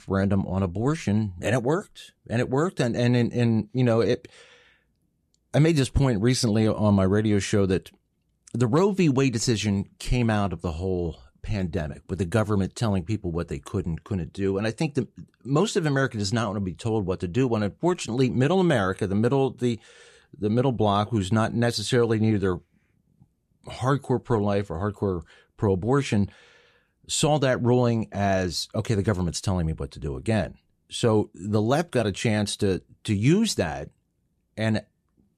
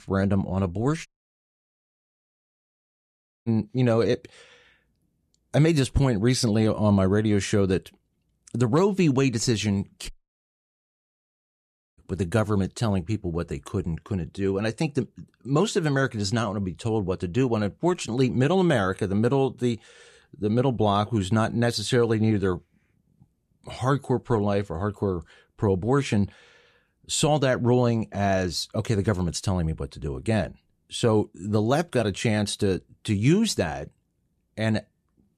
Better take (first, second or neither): first